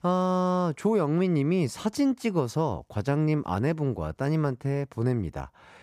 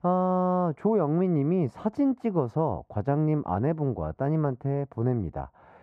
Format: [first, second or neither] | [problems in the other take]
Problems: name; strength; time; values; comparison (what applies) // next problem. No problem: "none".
first | muffled; very; fading above 2.5 kHz